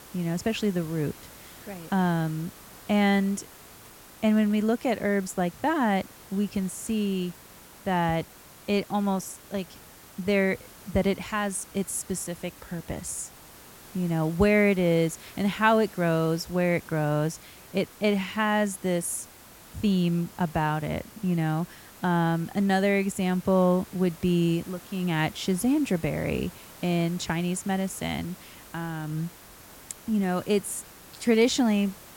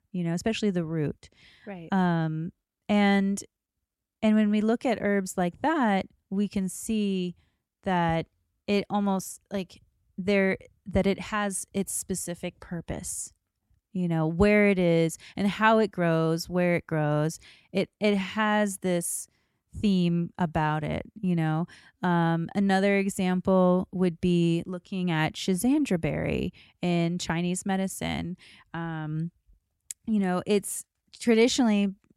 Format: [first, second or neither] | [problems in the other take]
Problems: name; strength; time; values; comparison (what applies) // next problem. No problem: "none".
second | hiss; noticeable; throughout; 20 dB below the speech